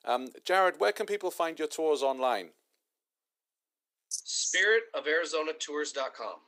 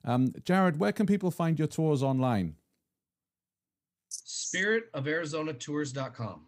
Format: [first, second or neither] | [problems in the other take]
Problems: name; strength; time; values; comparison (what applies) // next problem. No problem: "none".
second | thin; very; fading below 400 Hz